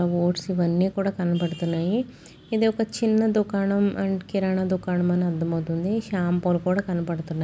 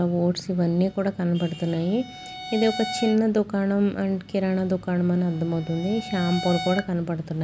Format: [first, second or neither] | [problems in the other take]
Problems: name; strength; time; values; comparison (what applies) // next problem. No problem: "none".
first | background sound (Bowed string instrument); 14 dB below the speech